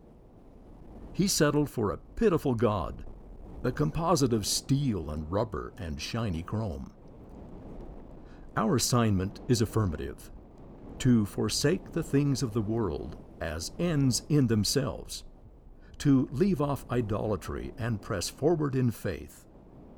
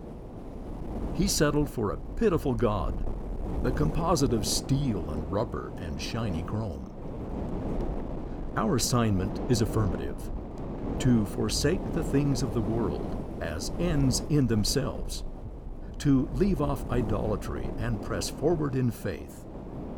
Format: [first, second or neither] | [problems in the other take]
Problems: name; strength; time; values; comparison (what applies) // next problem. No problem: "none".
first | wind noise on the microphone; heavy; 9 dB below the speech; occasional gusts in the first